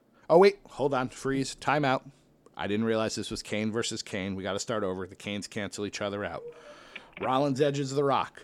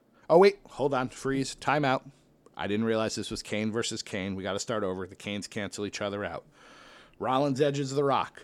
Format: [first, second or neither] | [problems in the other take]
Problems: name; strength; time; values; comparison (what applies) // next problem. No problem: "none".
second | phone ringing; faint; at 6.5 s; peak 15 dB below the speech